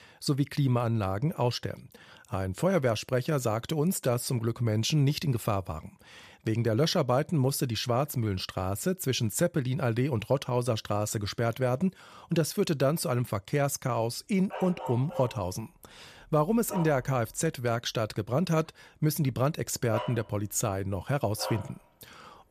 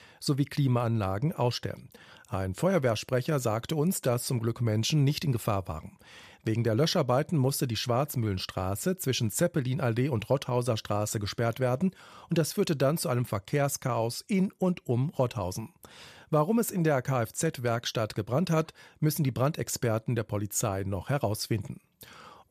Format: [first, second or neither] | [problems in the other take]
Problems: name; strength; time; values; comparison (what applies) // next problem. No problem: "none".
second | dog barking; noticeable; from 15 to 22 s; peak 8 dB below the speech